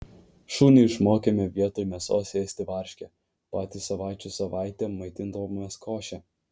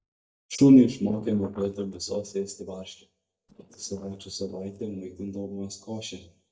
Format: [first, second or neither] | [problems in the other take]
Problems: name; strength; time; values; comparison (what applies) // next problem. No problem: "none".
first | noise reduction (neural mask model DeepFilterNet 3)